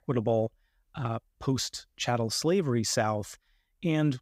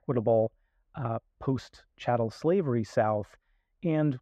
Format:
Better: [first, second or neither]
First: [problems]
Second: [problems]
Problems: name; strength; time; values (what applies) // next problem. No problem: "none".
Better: first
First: none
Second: muffled; very; fading above 3.5 kHz